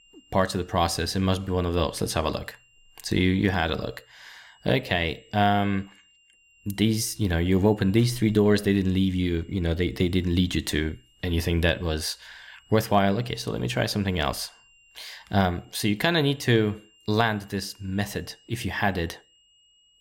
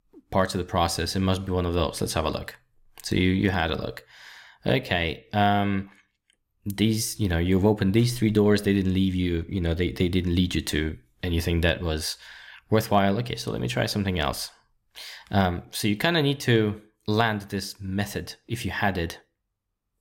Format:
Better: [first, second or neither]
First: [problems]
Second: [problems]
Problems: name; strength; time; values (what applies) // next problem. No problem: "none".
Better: second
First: high-pitched whine; faint; throughout; 3 kHz, 30 dB below the speech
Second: none